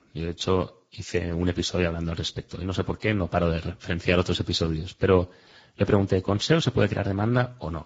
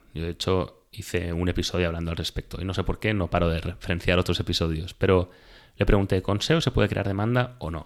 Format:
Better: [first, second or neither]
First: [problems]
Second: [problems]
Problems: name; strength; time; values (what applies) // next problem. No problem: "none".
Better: second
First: garbled, watery; badly; nothing above 7.5 kHz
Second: none